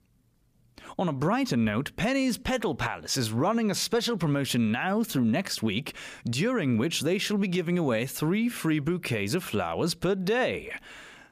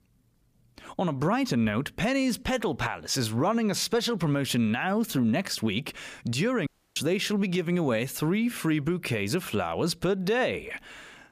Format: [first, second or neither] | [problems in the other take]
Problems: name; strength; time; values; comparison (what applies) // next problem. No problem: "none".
first | audio cutting out; at 6.5 s